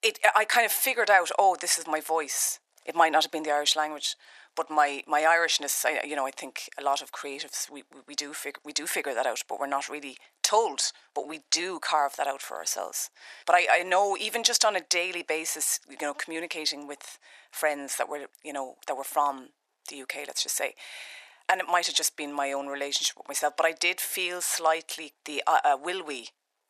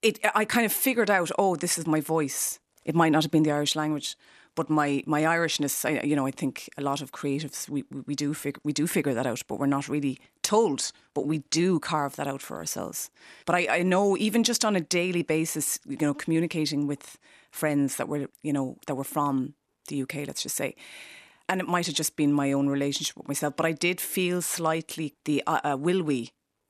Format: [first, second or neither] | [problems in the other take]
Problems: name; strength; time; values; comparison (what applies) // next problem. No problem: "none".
second | thin; very; fading below 500 Hz